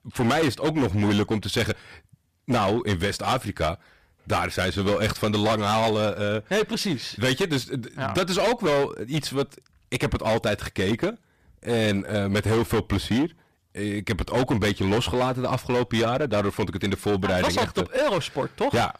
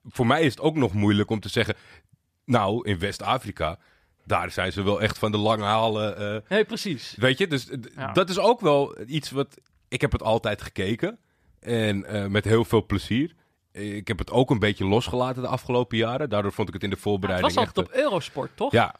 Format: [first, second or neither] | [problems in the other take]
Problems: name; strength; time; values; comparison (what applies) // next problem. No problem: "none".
second | distortion; heavy; 16% of the sound clipped